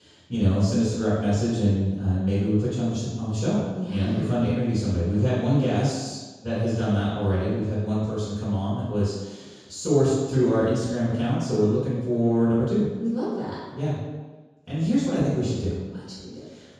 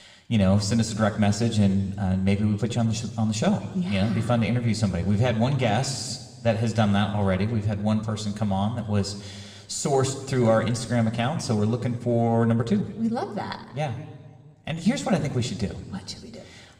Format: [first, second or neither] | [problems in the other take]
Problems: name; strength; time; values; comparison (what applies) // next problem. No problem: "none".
second | room echo; strong; dies away in 1.2 s; slight in the second // off-mic speech; far